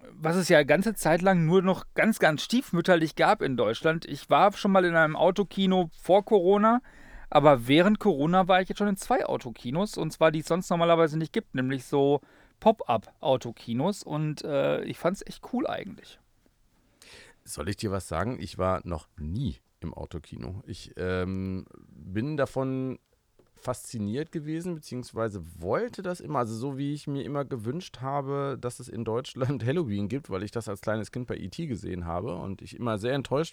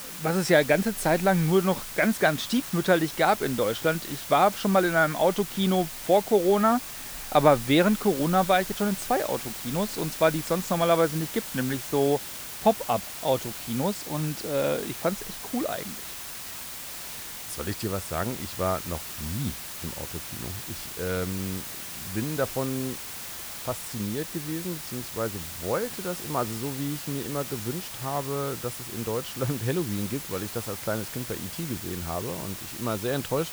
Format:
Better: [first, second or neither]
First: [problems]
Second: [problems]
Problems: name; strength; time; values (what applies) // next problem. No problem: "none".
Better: first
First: none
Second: hiss; loud; throughout; 8 dB below the speech